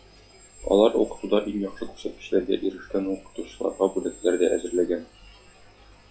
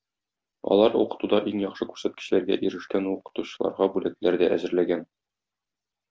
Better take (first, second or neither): second